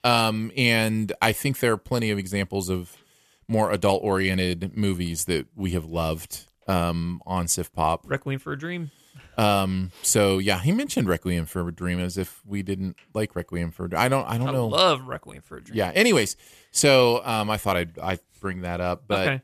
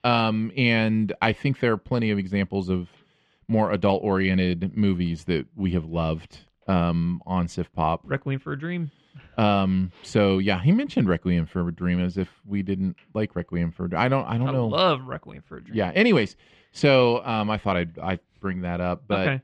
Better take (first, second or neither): first